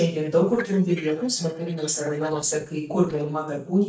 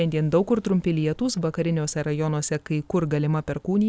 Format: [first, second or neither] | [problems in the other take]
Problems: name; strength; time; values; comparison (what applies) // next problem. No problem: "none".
second | noise reduction (neural mask model DeepFilterNet 3)